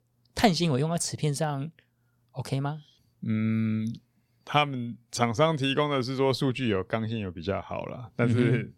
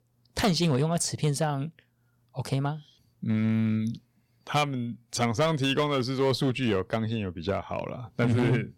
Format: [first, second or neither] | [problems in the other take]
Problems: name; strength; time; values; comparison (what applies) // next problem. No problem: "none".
first | distortion; slight; 4% of the sound clipped